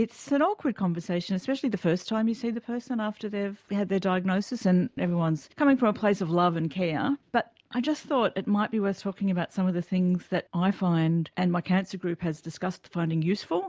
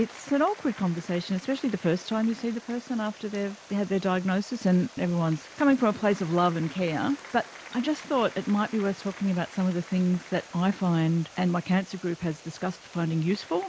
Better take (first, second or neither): first